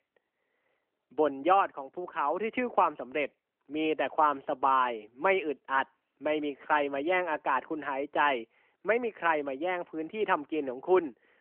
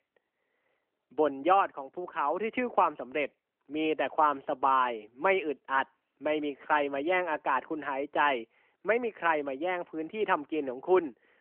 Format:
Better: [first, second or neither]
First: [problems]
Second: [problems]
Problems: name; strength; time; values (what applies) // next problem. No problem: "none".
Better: neither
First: phone-call audio; nothing above 3 kHz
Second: phone-call audio; nothing above 3 kHz